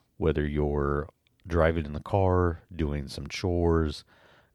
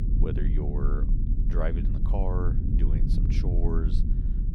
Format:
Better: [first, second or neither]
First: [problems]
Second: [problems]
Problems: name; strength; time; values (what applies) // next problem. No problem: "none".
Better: first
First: none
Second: low rumble; loud; throughout; 3 dB below the speech